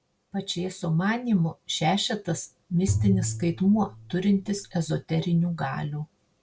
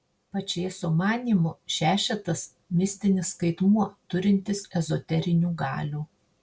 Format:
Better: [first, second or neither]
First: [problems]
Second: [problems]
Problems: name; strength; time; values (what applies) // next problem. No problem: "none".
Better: second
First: background sound (Bowed string instrument); 5 dB below the speech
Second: none